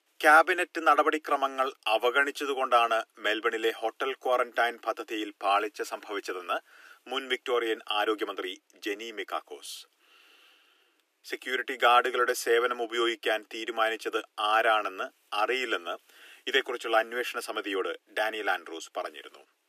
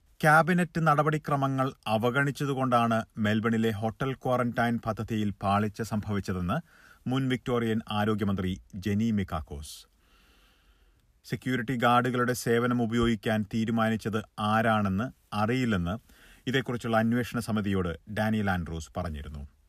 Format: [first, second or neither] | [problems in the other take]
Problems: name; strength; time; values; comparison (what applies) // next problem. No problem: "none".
second | thin; very; fading below 300 Hz